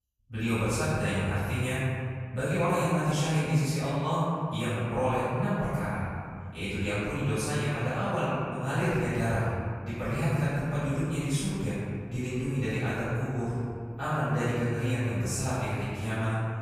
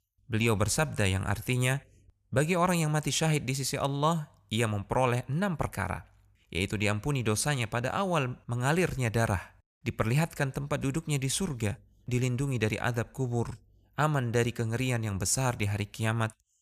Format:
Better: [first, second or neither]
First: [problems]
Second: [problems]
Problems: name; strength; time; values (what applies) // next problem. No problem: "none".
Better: second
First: room echo; strong; dies away in 2.1 s // off-mic speech; far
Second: none